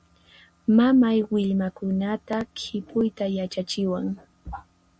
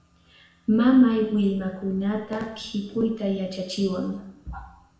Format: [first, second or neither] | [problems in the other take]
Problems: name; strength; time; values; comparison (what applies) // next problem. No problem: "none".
first | room echo; dies away in 0.7 s